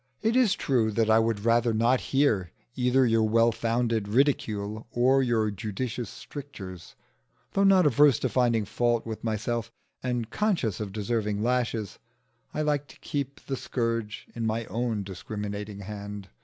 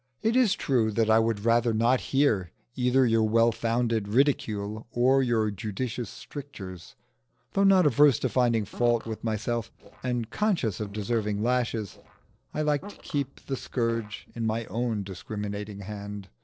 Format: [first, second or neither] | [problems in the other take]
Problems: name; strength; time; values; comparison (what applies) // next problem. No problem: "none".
first | noise reduction (neural separator model SepFormer DNS4)